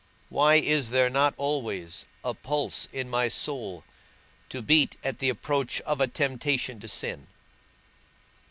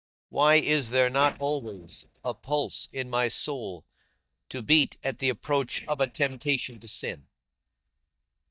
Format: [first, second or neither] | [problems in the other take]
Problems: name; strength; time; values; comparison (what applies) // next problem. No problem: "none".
first | noise reduction (neural mask model DeepFilterNet 3)